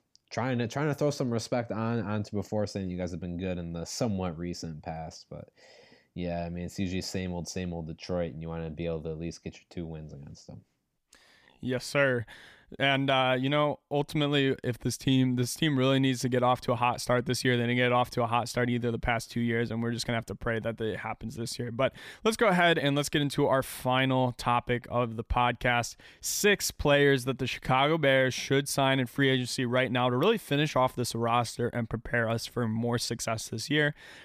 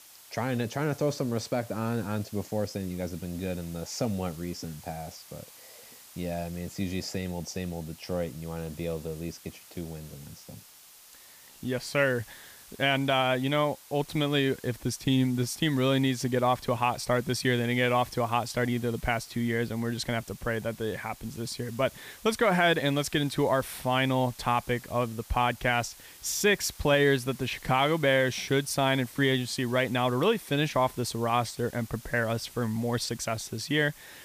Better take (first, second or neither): first